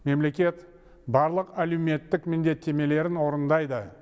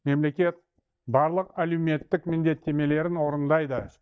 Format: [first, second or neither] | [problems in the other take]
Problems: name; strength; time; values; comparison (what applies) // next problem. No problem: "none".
first | noise reduction (neural mask model DeepFilterNet 3)